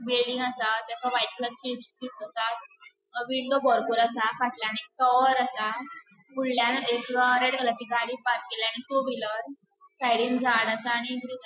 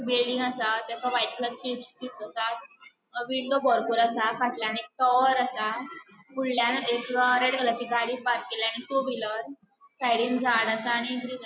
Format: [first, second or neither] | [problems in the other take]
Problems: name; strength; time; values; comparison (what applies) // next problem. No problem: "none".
second | noise reduction (classical method spectral subtraction)